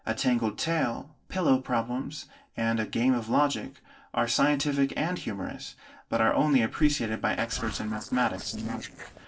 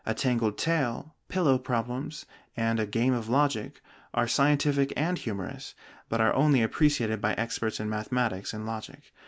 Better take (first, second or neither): second